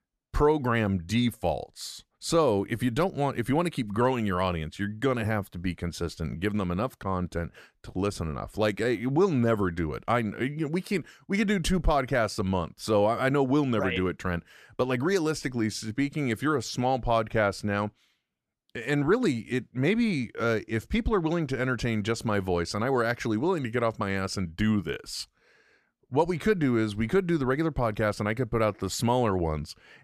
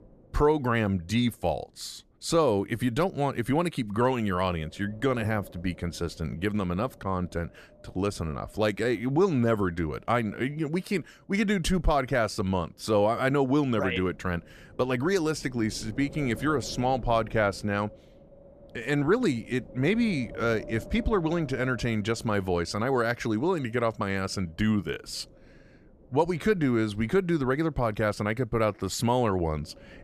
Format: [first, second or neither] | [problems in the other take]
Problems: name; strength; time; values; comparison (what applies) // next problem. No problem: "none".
first | wind noise on the microphone; occasional gusts; 20 dB below the speech